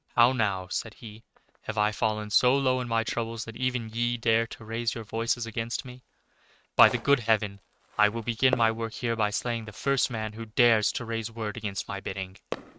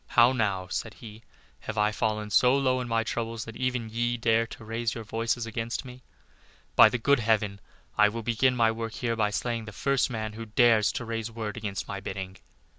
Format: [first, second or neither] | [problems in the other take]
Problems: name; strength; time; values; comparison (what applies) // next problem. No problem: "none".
second | noise reduction (neural mask model RNNoise)